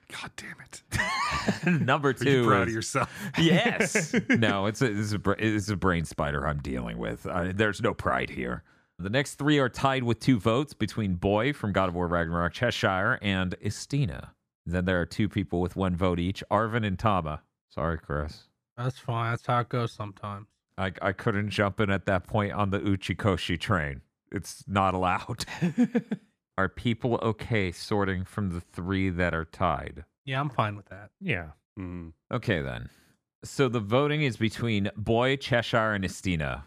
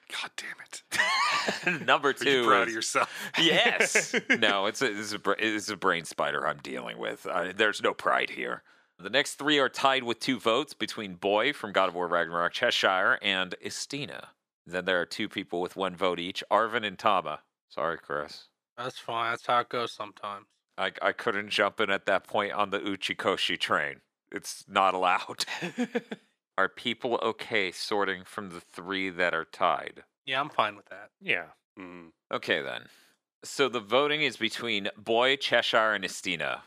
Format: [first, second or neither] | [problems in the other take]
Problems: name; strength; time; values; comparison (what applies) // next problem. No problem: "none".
first | thin; somewhat; fading below 400 Hz